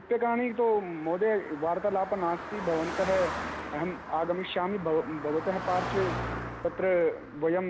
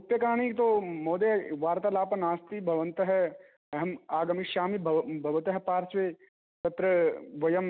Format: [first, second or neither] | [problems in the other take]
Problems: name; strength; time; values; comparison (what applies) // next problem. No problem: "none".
second | background sound (Car passing by); 9 dB below the speech